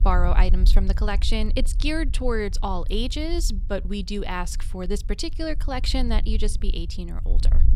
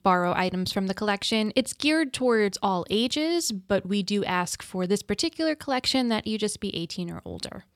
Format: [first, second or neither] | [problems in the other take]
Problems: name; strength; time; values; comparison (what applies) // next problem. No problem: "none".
second | low rumble; noticeable; throughout; 20 dB below the speech